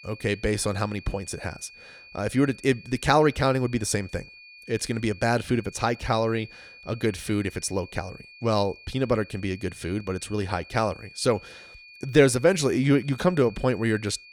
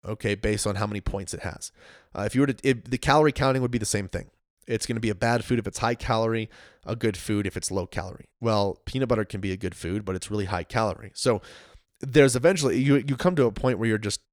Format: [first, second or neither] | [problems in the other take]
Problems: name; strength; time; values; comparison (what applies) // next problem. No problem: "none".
second | high-pitched whine; faint; throughout; 2.5 kHz, 20 dB below the speech